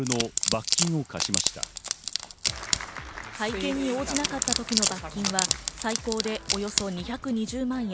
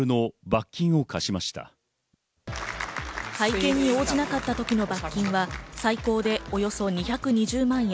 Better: second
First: background sound (Wood); 1 dB above the speech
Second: none

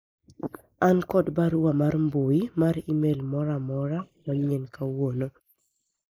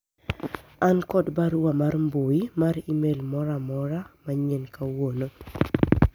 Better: second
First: noise reduction (neural mask model Resemble Enhance denoiser)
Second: none

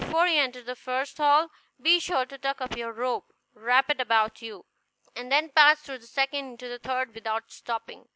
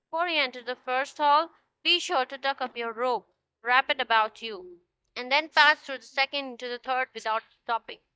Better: first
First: none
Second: noise reduction (neural mask model DeepFilterNet 3)

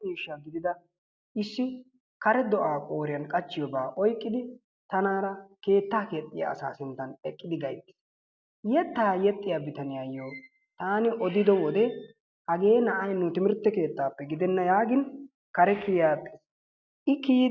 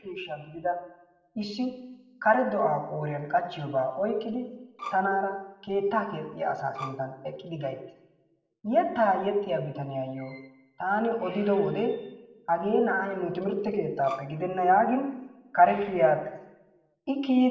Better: first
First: none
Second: background sound (Bowed string instrument); 14 dB below the speech // room echo; dies away in 0.8 s

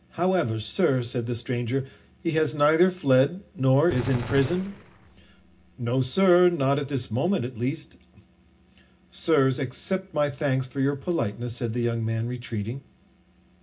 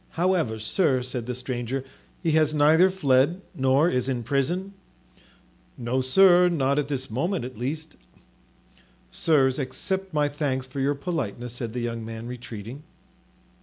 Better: second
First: background sound (Gunshot, gunfire); 11 dB below the speech // room echo; dies away in 0.4 s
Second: none

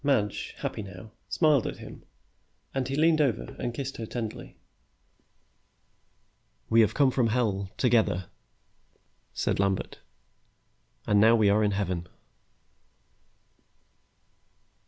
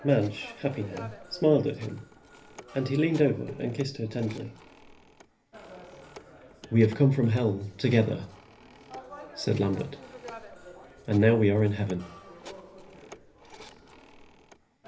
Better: first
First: none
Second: background sound (Telephone); 19 dB below the speech // room echo; dies away in 0.3 s

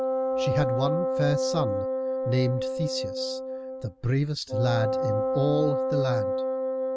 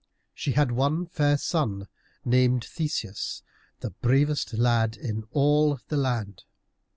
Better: second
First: background sound (Wind instrument, woodwind instrument); 1 dB above the speech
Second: none

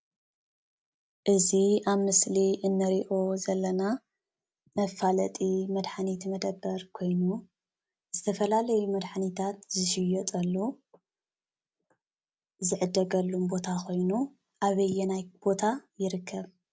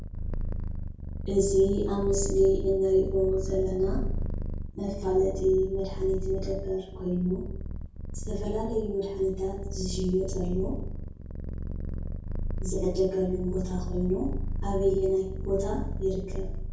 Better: first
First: none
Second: background sound (Purr); 3 dB below the speech // room echo; dies away in 0.6 s

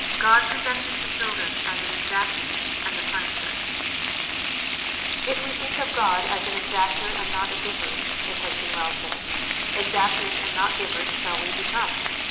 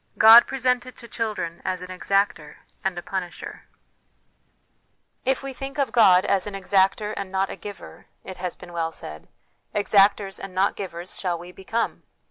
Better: second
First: background sound (Frying (food)); 1 dB above the speech // room echo; dies away in 0.8 s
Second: none

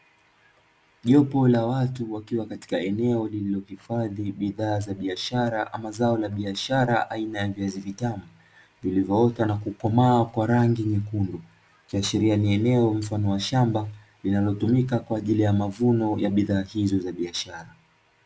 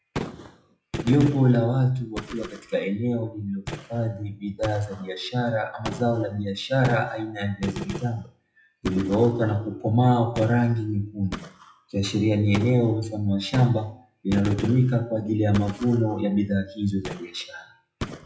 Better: first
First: none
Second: noise reduction (classical method WPE with log-MMSE)

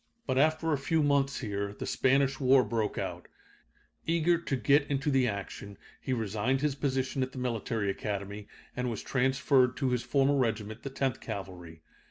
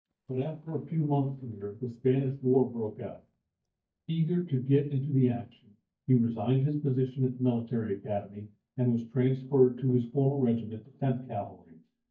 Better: first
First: none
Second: noise reduction (neural mask model DeepFilterNet 3)

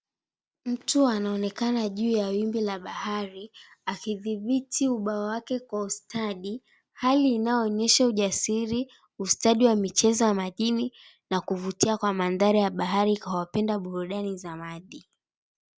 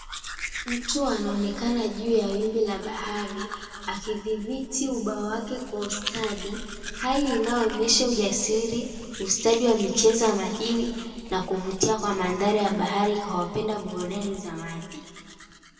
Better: first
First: none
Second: background sound (Domestic sounds, home sounds); 13 dB below the speech // room echo; dies away in 2.2 s

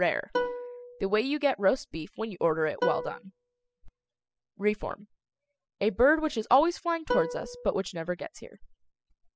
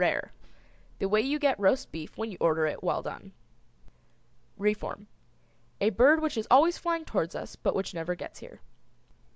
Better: second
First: noise reduction (classical method spectral subtraction)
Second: none

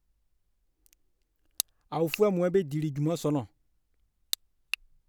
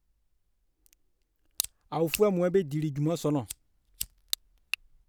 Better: first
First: none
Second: background sound (Fire); 14 dB below the speech

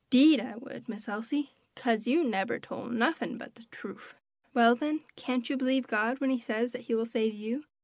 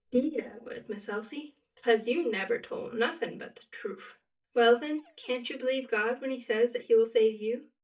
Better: first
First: none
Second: noise reduction (neural mask model DeepFilterNet 3)

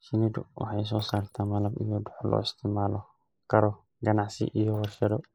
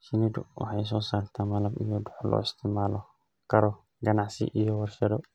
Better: second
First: noise reduction (neural mask model Resemble Enhance denoiser)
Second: none

